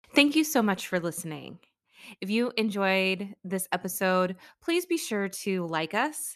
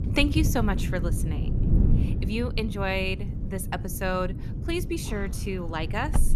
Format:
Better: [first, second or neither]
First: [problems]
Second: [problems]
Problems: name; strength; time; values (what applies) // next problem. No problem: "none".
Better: first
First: none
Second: wind noise on the microphone; occasional gusts; 10 dB below the speech